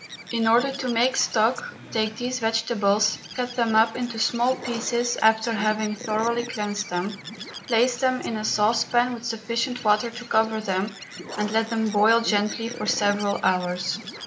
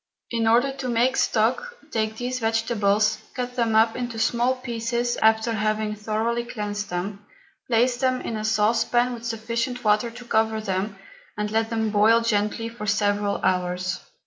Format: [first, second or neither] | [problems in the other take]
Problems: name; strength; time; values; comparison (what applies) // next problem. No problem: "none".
second | background sound (Bird); 14 dB below the speech